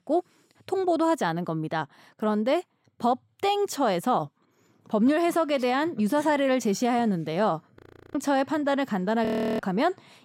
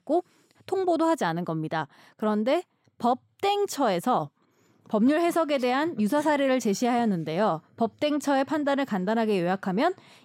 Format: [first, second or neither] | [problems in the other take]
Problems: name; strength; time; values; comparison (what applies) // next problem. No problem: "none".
second | audio freezing; at 8 s and at 9.5 s